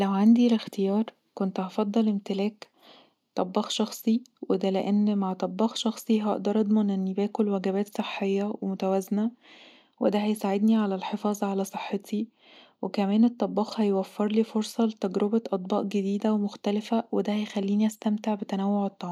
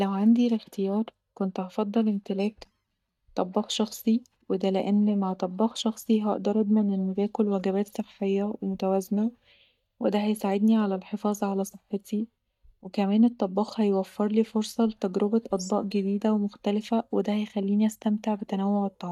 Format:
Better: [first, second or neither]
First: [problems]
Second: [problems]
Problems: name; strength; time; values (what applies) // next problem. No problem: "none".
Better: first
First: none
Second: noise reduction (neural mask model DeepFilterNet 3)